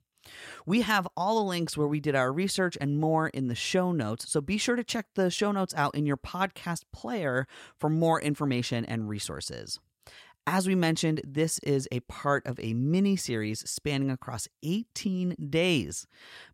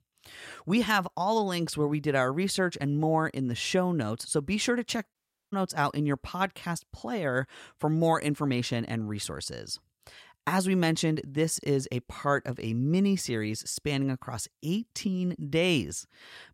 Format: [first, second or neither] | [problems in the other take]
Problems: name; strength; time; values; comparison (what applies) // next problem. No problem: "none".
first | audio cutting out; at 5 s